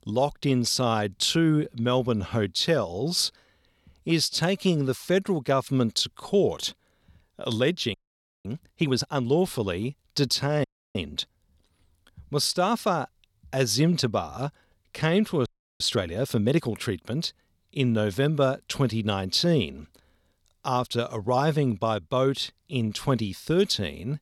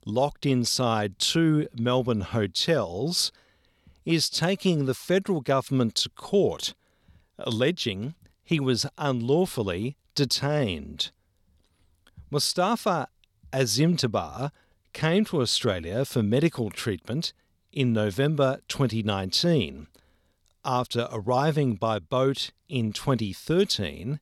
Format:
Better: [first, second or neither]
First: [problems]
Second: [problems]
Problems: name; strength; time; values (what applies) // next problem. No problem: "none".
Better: second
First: audio freezing; at 8 s for 0.5 s, at 11 s and at 15 s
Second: none